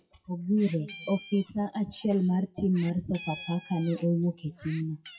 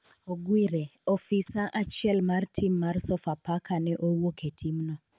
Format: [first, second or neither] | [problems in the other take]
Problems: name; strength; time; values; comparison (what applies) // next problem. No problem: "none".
second | noise reduction (classical method WPE with log-MMSE)